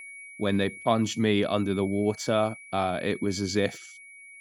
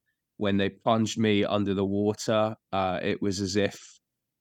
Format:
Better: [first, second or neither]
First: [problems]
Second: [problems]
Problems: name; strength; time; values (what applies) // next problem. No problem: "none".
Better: second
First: high-pitched whine; noticeable; throughout; 2.5 kHz, 15 dB below the speech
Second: none